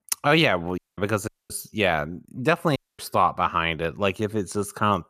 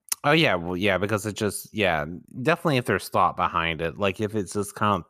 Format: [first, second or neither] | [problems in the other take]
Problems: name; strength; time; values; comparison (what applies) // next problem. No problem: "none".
second | audio cutting out; at 1 s, at 1.5 s and at 3 s